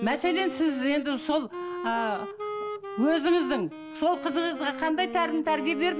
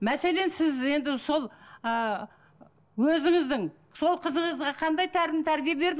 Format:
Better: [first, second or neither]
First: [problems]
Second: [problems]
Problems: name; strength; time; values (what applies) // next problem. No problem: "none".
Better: second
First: background sound (Wind instrument, woodwind instrument); 9 dB below the speech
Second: none